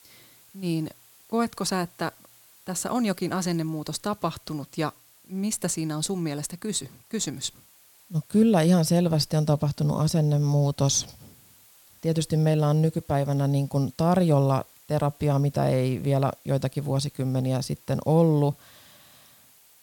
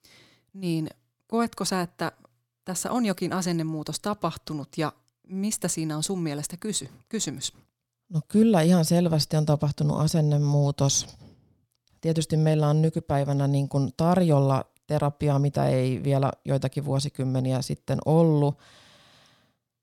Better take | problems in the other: second | hiss; faint; throughout; 25 dB below the speech

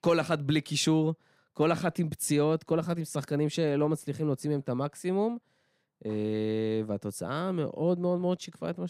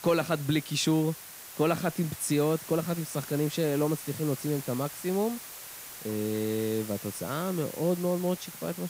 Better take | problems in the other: first | hiss; noticeable; throughout; 10 dB below the speech

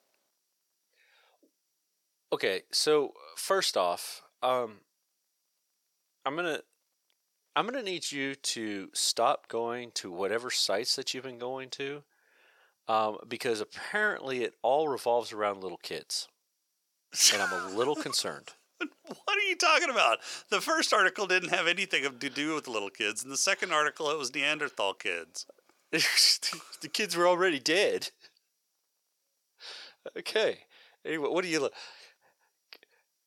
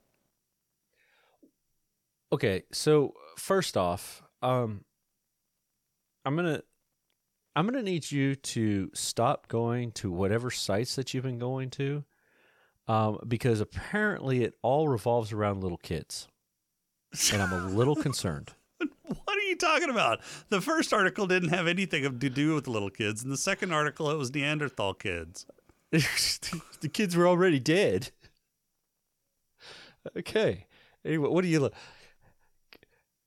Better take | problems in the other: second | thin; somewhat; fading below 450 Hz

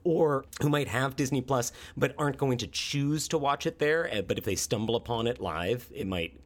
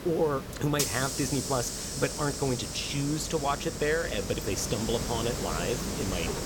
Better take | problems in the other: first | hiss; loud; throughout; 3 dB below the speech

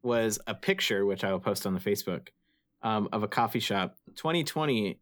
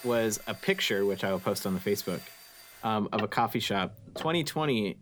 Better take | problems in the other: first | household noises; noticeable; throughout; 15 dB below the speech

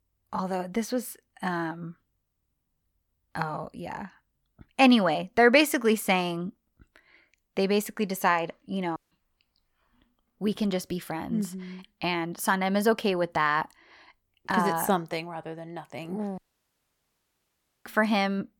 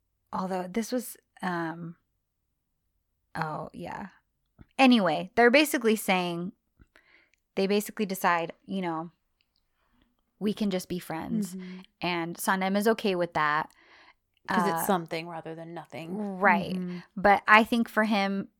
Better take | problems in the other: second | audio cutting out; at 9 s and at 16 s for 1.5 s

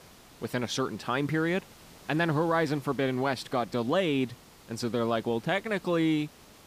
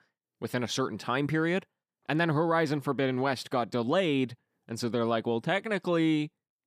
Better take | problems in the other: second | hiss; faint; throughout; 25 dB below the speech

